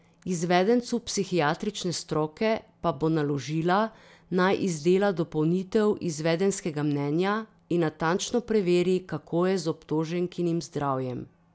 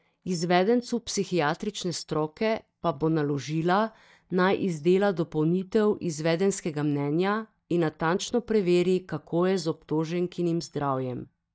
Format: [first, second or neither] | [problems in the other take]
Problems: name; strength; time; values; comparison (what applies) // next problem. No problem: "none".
first | noise reduction (neural mask model DeepFilterNet 3)